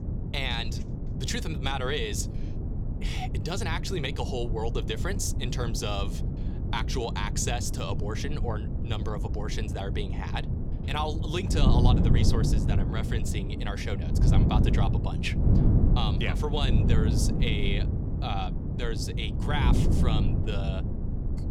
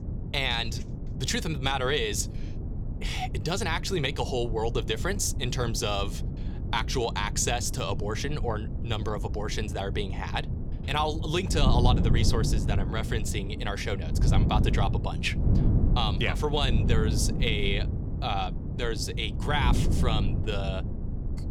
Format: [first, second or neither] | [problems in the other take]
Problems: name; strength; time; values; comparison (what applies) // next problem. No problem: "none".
second | wind noise on the microphone; heavy; 5 dB below the speech; occasional gusts in the second